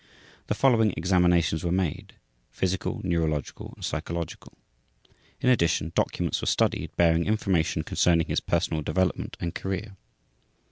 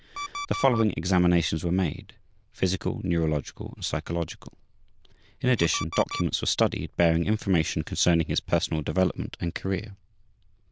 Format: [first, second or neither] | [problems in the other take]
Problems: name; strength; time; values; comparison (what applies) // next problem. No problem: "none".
first | noise reduction (neural diffusion model UNIVERSE++)